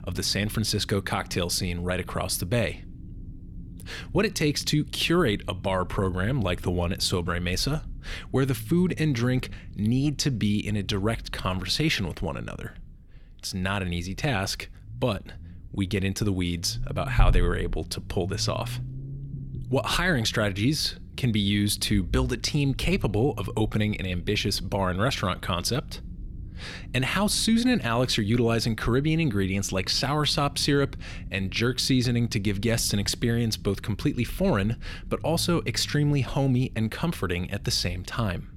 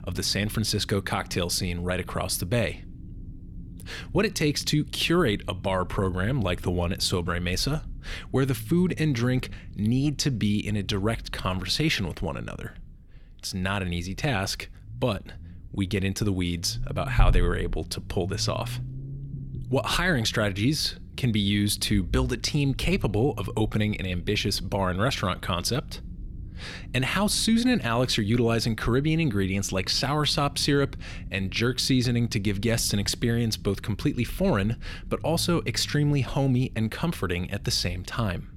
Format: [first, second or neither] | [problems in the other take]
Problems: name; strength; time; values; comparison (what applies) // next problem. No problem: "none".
neither | low rumble; faint; throughout; 25 dB below the speech; the same in both